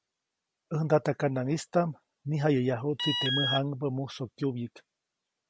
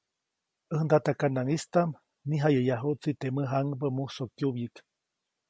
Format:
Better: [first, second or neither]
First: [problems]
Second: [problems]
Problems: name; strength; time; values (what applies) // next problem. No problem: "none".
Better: second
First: background sound (Alarm); 2 dB below the speech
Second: none